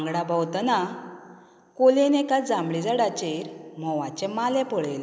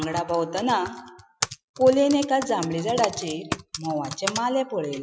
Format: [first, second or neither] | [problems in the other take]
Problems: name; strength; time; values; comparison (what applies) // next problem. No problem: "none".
first | noise reduction (classical method Wiener filter)